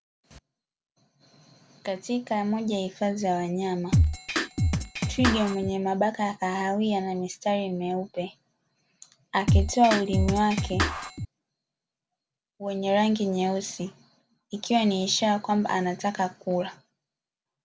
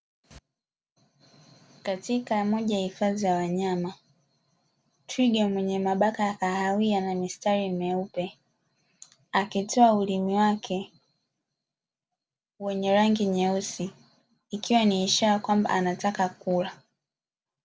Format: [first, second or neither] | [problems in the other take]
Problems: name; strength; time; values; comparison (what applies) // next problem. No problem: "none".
second | background sound (Drum kit); 3 dB above the speech